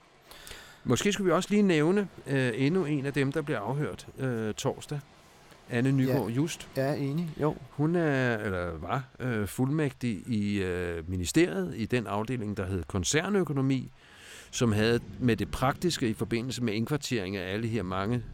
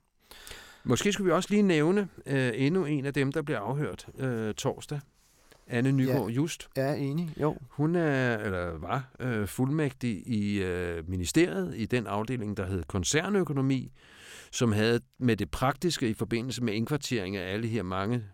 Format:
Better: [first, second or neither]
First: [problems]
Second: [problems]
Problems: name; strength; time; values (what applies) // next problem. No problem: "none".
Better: second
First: rain or running water; faint; throughout; 25 dB below the speech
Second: none